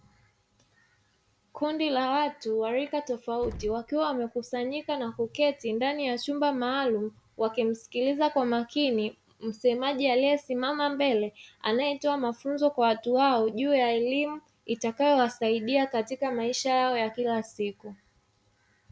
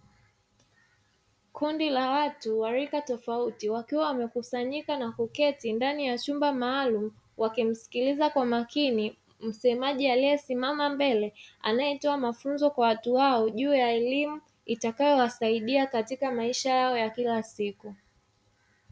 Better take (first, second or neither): second